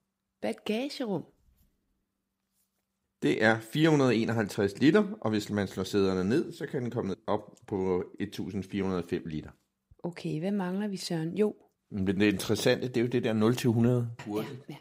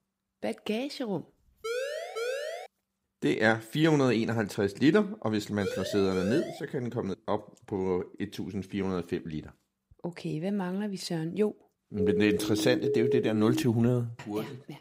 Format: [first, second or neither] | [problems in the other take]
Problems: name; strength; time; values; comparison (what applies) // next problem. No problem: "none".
first | siren; noticeable; from 1.5 to 2.5 s and at 5.5 s; peak 4 dB below the speech // siren; loud; from 12 to 14 s; peak 1 dB above the speech